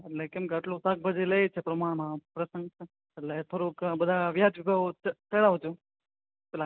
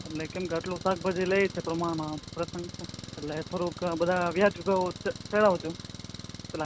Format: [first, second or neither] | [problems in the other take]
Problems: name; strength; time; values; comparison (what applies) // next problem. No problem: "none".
first | background sound (Engine); 12 dB below the speech